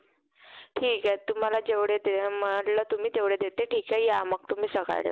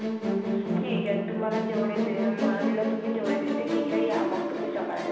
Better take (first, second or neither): first